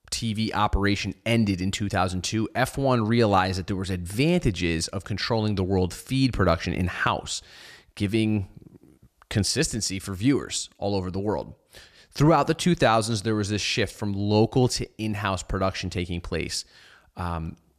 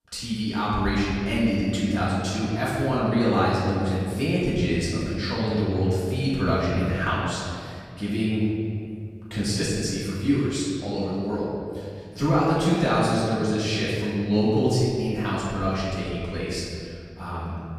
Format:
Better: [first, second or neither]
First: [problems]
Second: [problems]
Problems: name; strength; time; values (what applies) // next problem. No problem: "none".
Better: first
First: none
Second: off-mic speech; far // room echo; strong; dies away in 2.2 s